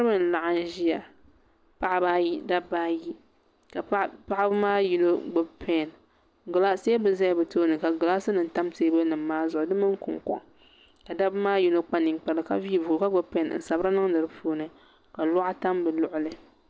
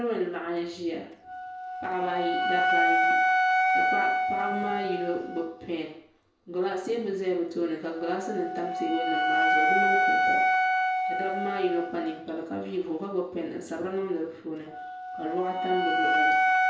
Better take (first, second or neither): first